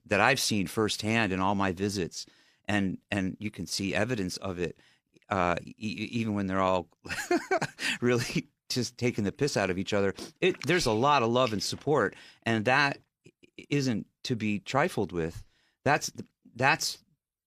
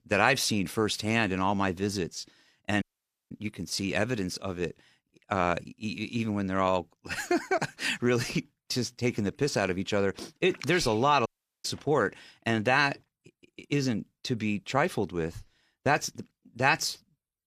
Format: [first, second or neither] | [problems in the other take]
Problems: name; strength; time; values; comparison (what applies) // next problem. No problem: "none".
first | audio cutting out; at 3 s and at 11 s